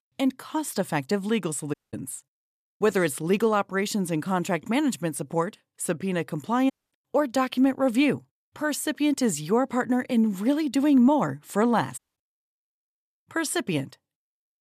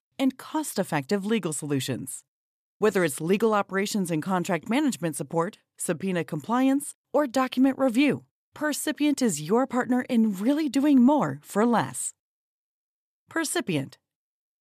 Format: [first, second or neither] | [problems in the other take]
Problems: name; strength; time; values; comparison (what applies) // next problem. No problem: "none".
second | audio cutting out; at 1.5 s, at 6.5 s and at 12 s